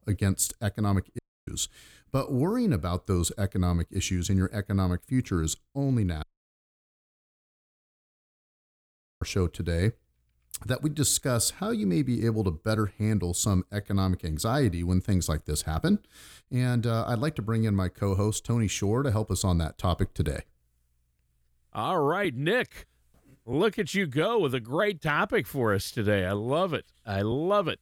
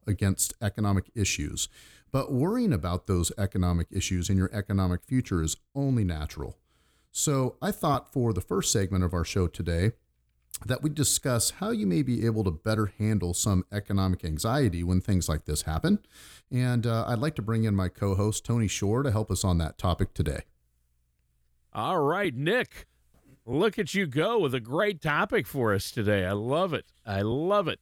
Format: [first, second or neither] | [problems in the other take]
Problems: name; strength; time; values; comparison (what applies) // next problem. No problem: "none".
second | audio cutting out; at 1 s and at 6 s for 3 s